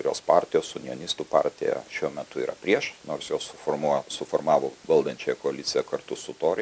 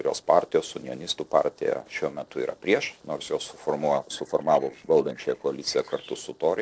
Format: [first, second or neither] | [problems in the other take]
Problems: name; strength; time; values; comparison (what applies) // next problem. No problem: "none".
first | noise reduction (neural separator model SepFormer DNS4)